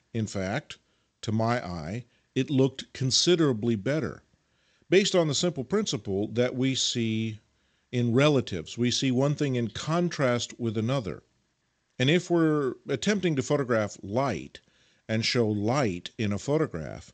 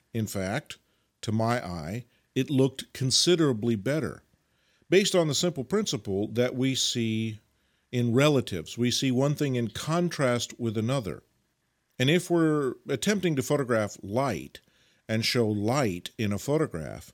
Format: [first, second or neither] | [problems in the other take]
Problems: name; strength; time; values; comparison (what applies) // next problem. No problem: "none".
second | garbled, watery; slightly; nothing above 7.5 kHz